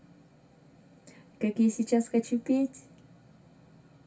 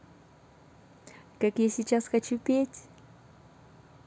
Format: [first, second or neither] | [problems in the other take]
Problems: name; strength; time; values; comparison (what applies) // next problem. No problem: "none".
second | room echo; dies away in 0.2 s